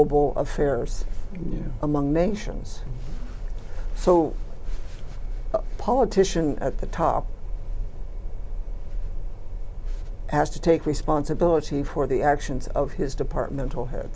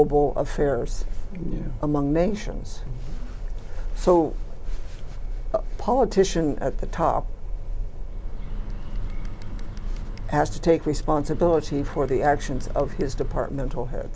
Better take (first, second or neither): first